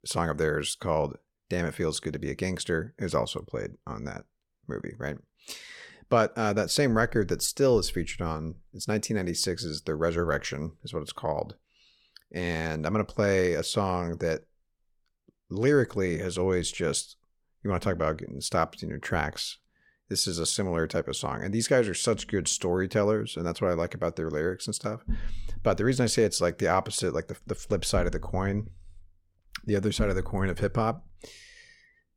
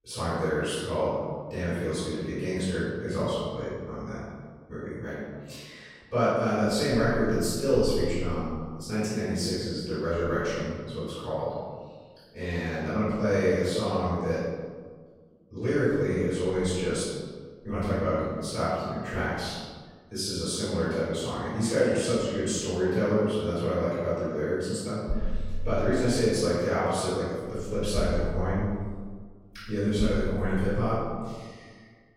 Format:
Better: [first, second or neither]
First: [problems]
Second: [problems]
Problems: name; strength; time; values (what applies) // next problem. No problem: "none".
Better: first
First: none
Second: off-mic speech; far // room echo; strong; dies away in 1.5 s